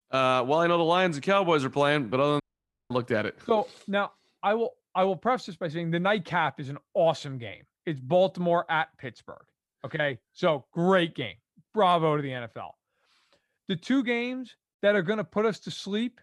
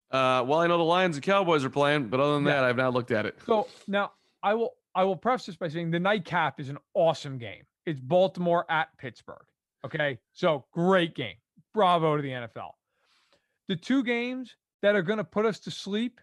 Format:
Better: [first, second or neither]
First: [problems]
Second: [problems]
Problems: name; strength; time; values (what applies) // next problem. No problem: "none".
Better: second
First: audio cutting out; at 2.5 s for 0.5 s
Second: none